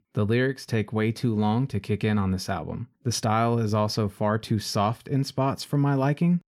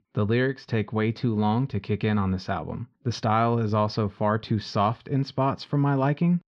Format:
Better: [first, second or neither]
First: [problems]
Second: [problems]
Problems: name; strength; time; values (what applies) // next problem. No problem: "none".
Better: first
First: none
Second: muffled; very slightly; fading above 4.5 kHz